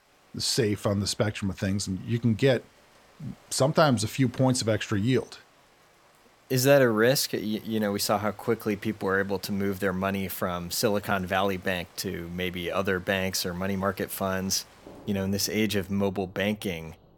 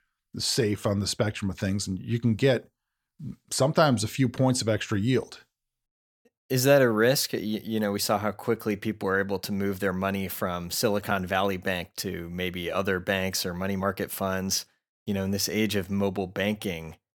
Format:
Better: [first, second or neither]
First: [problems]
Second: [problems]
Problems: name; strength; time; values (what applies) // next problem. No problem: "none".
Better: second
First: rain or running water; faint; throughout; 30 dB below the speech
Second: none